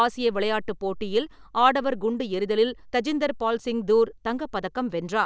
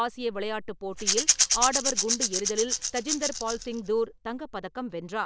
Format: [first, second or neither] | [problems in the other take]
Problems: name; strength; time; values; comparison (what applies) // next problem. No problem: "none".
first | background sound (Rattle / Rattle (instrument)); 3 dB above the speech